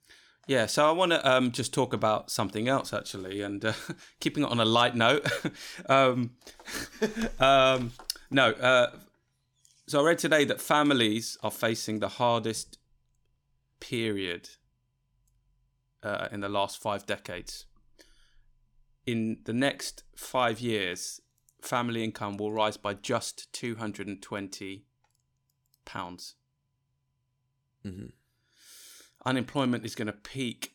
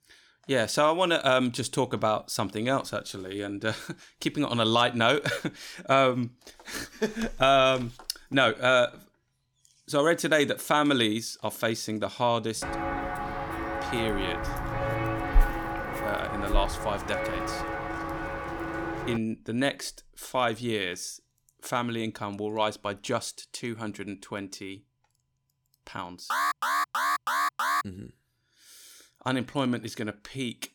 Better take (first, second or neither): first